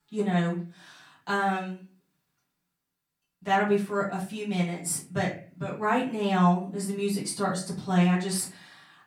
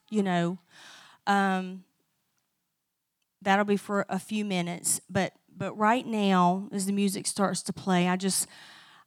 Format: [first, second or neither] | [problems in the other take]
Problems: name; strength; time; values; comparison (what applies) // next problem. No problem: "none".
second | room echo; slight; dies away in 0.3 s // off-mic speech; far